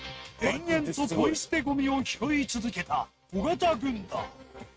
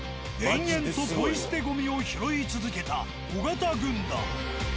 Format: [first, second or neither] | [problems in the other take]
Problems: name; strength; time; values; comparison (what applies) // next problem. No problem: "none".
second | noise reduction (neural mask model RNNoise)